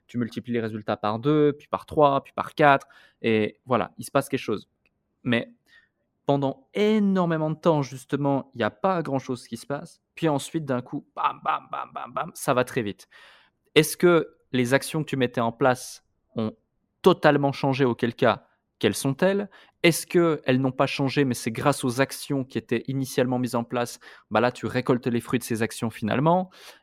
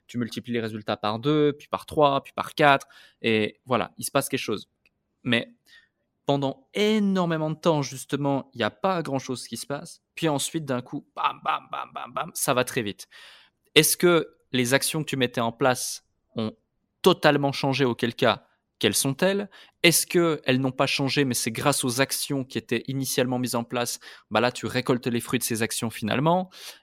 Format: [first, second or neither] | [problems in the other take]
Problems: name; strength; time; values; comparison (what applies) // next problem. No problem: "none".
second | muffled; slightly; fading above 2.5 kHz